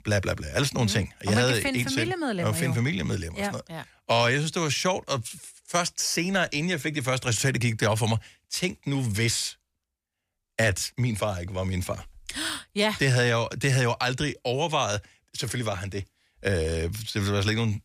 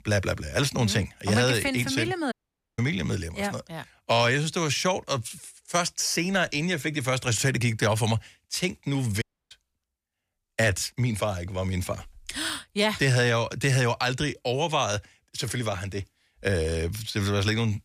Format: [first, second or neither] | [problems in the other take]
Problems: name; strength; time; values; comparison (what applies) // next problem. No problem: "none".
first | audio cutting out; at 2.5 s and at 9 s